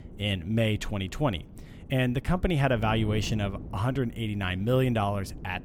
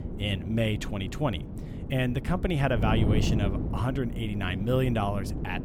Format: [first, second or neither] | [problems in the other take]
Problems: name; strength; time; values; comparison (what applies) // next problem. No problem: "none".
first | wind noise on the microphone; heavy; 9 dB below the speech; occasional gusts in the first